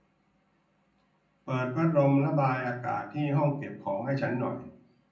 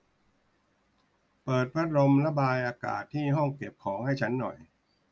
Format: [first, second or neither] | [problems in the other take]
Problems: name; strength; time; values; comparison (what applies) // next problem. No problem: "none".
second | room echo; dies away in 0.6 s